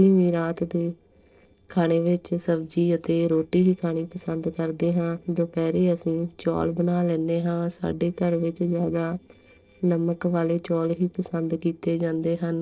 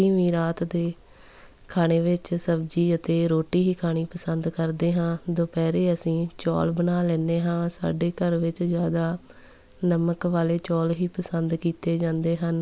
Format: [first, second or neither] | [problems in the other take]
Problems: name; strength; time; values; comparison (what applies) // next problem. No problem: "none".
second | noise reduction (neural separator model SepFormer DNS4)